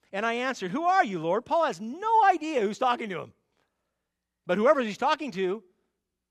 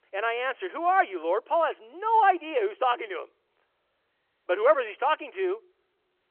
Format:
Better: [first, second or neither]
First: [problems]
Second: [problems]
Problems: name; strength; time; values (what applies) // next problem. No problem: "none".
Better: first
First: none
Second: phone-call audio